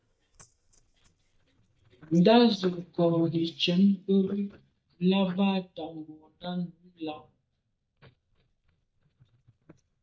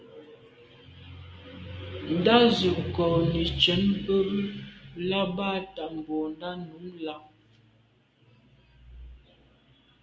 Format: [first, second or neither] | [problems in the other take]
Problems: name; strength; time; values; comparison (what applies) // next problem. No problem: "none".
second | noise reduction (neural mask model DeepFilterNet 3)